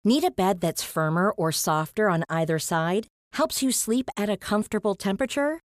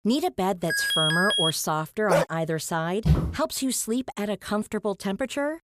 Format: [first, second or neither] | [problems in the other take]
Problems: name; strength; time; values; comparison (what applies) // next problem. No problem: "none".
first | alarm; loud; at 0.5 s; peak 6 dB above the speech // dog barking; loud; at 2 s; peak 2 dB above the speech // footsteps; loud; at 3 s; peak 3 dB above the speech